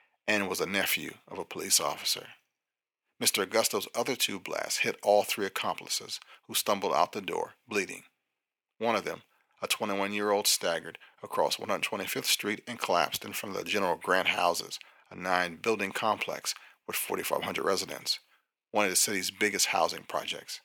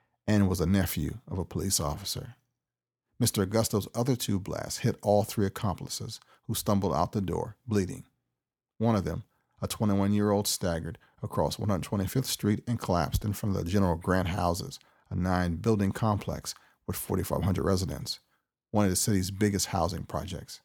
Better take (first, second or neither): second